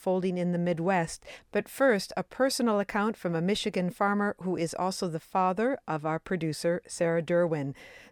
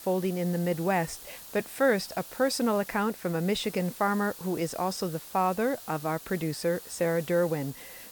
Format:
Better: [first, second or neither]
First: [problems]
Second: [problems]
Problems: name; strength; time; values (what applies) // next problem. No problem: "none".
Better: first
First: none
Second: hiss; noticeable; throughout; 15 dB below the speech